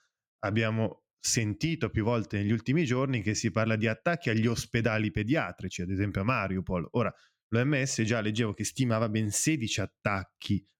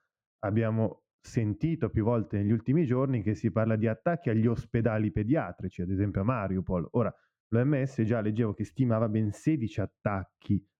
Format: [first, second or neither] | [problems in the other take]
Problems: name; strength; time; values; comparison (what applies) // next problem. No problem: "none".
first | muffled; very; fading above 2 kHz